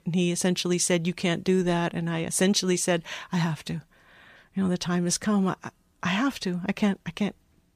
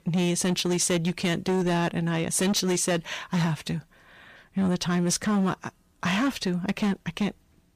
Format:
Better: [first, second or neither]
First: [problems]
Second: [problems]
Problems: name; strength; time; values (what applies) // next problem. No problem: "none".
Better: first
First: none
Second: distortion; slight; 12% of the sound clipped